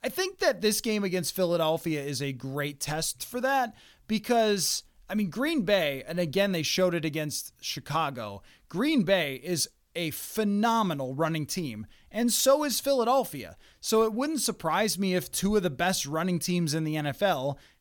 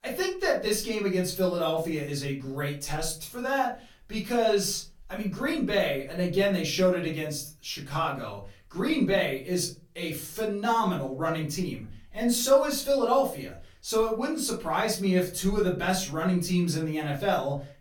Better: first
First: none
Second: off-mic speech; far // room echo; slight; dies away in 0.3 s

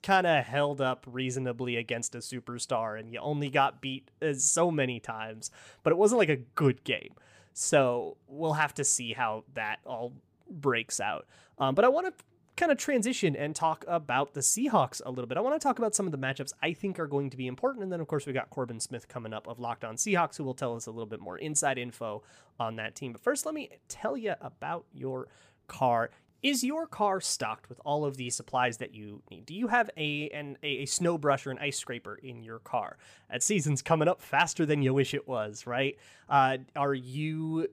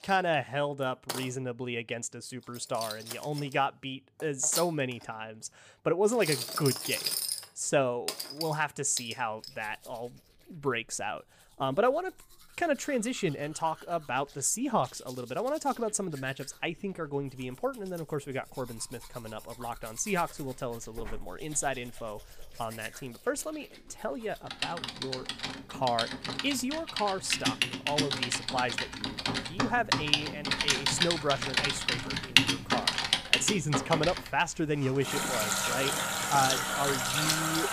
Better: first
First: none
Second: household noises; very loud; throughout; 2 dB above the speech

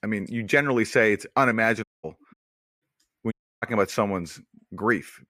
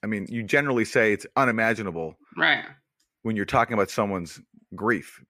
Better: second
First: audio cutting out; at 2 s, at 2.5 s and at 3.5 s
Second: none

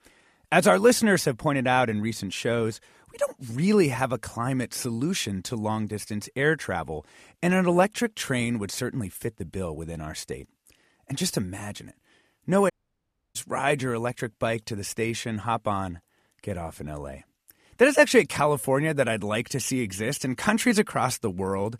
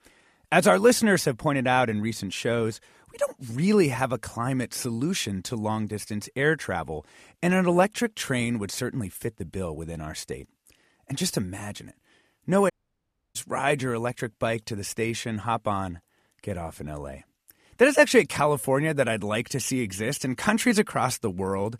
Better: neither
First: audio cutting out; at 13 s for 0.5 s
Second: audio cutting out; at 13 s for 0.5 s

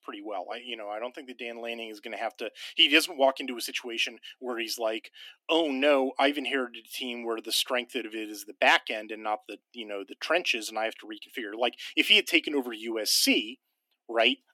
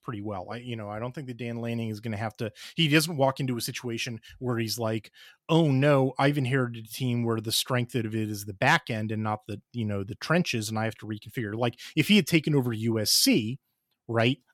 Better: second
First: thin; somewhat; fading below 250 Hz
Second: none

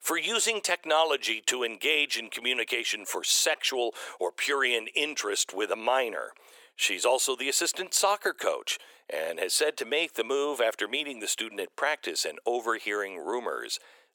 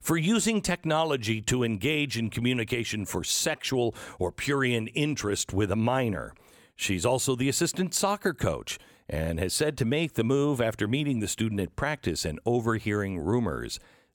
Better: second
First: thin; very; fading below 450 Hz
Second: none

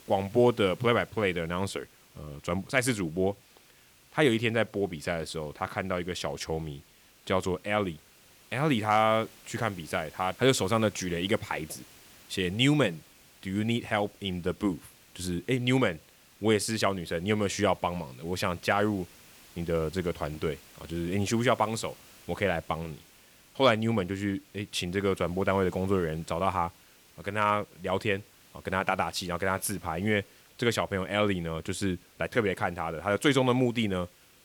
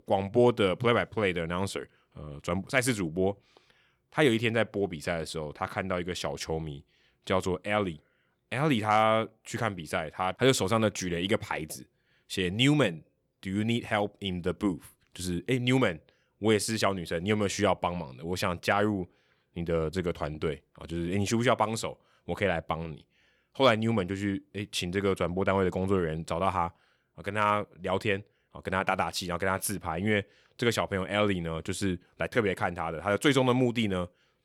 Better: second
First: hiss; faint; throughout; 25 dB below the speech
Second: none

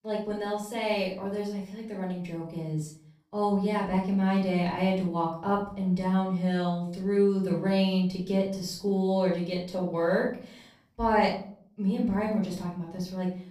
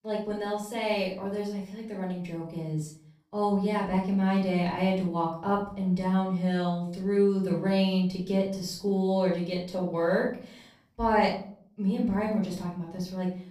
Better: neither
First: off-mic speech; far // room echo; slight; dies away in 0.4 s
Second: off-mic speech; far // room echo; slight; dies away in 0.4 s

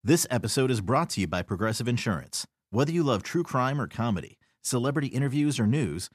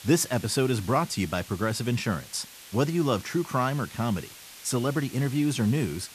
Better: first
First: none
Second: hiss; noticeable; throughout; 15 dB below the speech

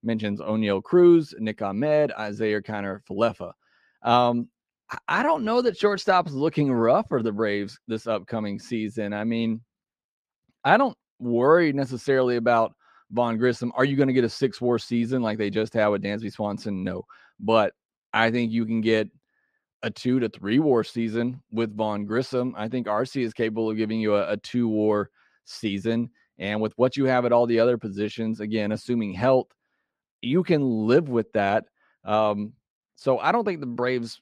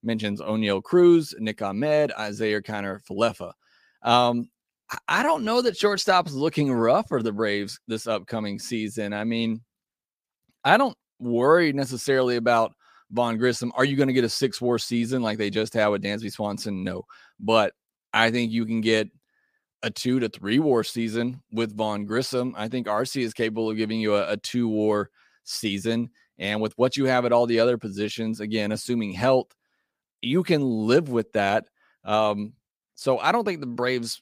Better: second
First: muffled; very slightly; fading above 2 kHz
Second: none

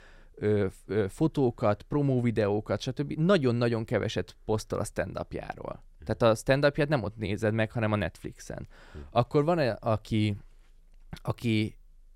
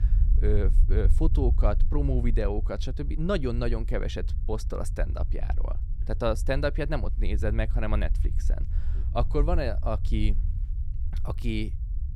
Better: first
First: none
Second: low rumble; noticeable; throughout; 15 dB below the speech

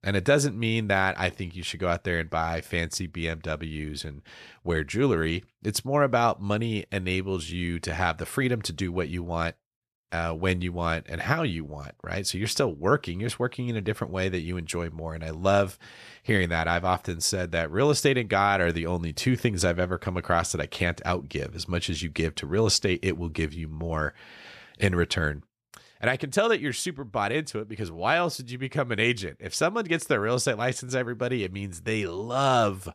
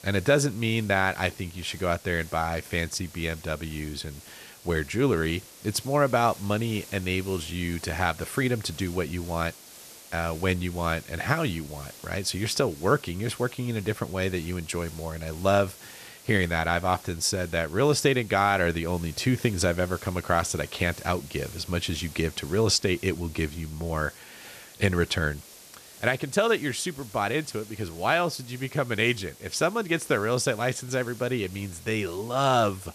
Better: first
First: none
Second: hiss; noticeable; throughout; 20 dB below the speech

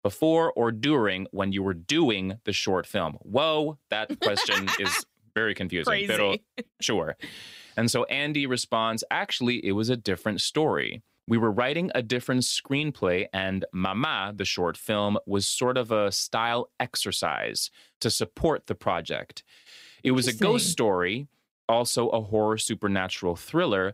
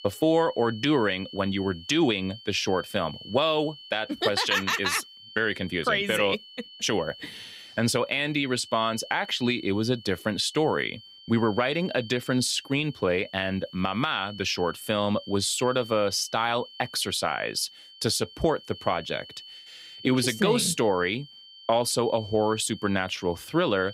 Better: first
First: none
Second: high-pitched whine; noticeable; throughout; 3 kHz, 15 dB below the speech

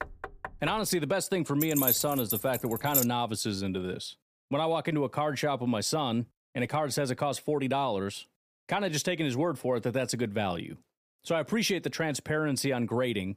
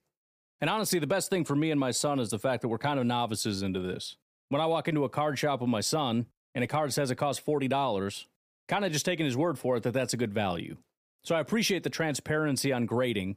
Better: second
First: door banging; faint; at the start; peak 10 dB below the speech // jangling keys; loud; from 1.5 to 3 s; peak 4 dB above the speech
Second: none

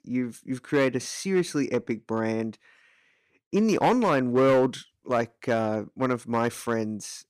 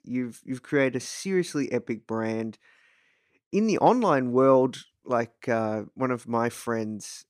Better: second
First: distortion; slight; 3% of the sound clipped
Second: none

